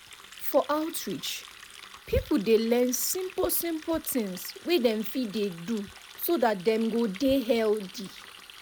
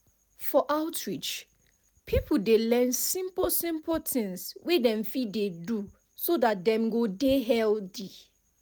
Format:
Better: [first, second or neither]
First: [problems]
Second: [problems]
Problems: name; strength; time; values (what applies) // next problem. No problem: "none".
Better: second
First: background sound (Water tap, faucet); 19 dB below the speech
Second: none